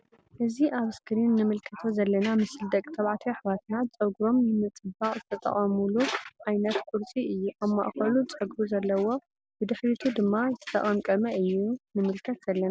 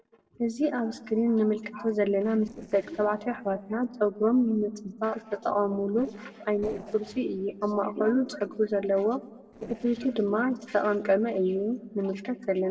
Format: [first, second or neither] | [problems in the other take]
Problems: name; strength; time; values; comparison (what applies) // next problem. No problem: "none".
first | noise reduction (neural separator model SepFormer DNS4)